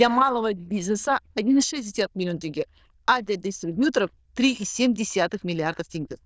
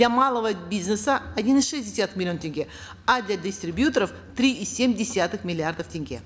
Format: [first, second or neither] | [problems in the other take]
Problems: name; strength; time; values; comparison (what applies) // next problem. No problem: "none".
second | noise reduction (neural diffusion model UNIVERSE++)